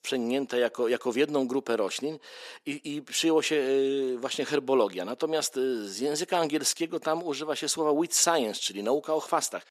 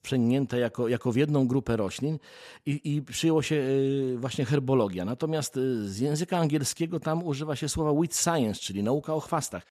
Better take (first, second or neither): second